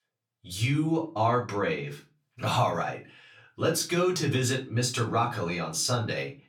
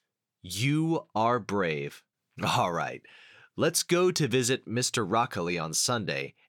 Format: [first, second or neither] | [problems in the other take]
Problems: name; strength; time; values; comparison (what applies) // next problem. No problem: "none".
second | off-mic speech; far // room echo; very slight; dies away in 0.3 s